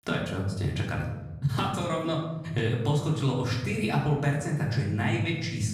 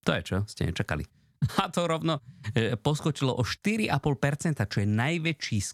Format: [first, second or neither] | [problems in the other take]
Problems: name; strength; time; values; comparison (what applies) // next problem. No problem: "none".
second | room echo; noticeable; dies away in 1.1 s // off-mic speech; far